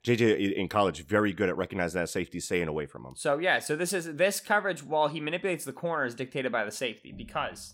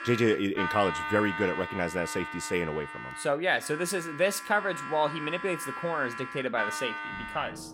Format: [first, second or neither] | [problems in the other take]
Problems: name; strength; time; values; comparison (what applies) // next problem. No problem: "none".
first | background music; loud; throughout; 7 dB below the speech